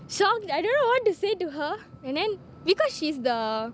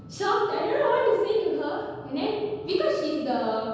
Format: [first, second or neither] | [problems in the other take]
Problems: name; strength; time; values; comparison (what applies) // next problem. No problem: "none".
first | room echo; dies away in 1.2 s